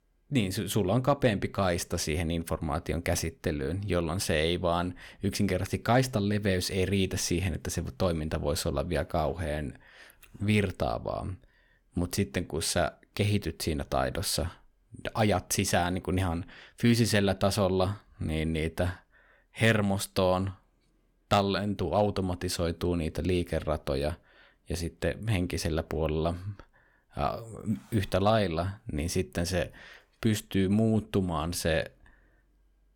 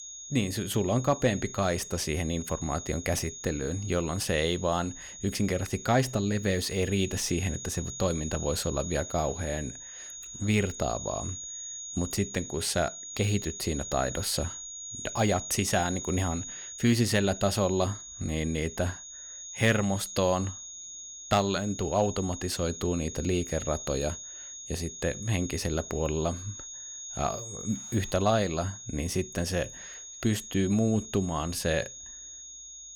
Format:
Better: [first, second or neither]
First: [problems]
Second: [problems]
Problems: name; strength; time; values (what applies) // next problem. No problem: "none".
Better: first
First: none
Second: high-pitched whine; loud; throughout; 6.5 kHz, 9 dB below the speech